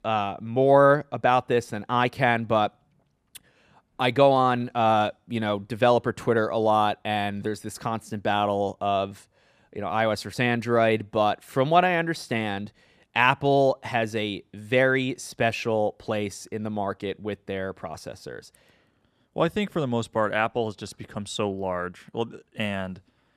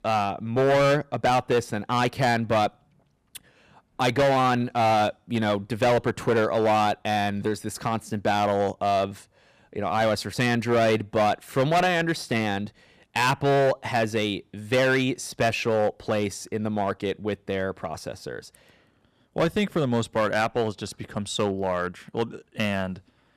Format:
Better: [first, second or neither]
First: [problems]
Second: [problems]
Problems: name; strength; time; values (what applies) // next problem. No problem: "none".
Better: first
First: none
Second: distortion; heavy; 8% of the sound clipped